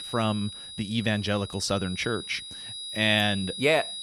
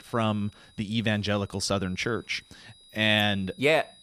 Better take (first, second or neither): second